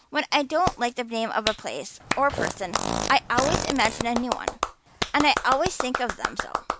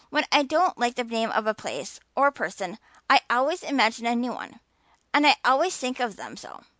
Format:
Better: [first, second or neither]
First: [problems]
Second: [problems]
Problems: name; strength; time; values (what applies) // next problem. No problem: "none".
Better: second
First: background sound (Clapping + Fart); 4 dB below the speech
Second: none